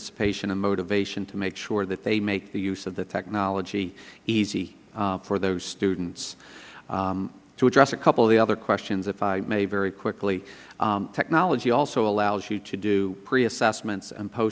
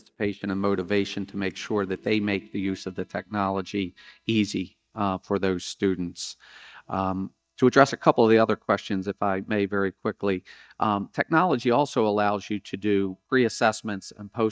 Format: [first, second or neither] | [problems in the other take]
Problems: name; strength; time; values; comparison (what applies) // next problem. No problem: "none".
first | noise reduction (neural mask model DeepFilterNet 3)